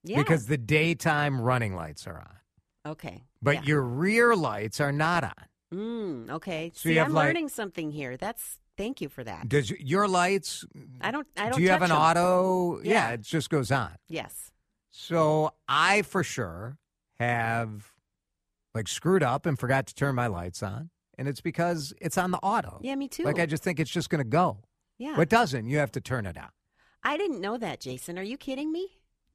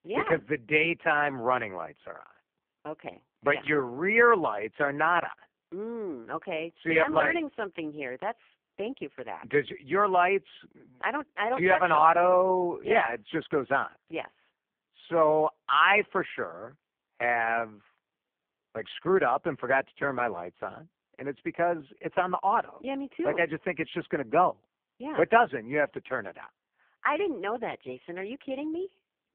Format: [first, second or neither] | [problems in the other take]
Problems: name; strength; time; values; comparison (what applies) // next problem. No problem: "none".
first | phone-call audio; poor line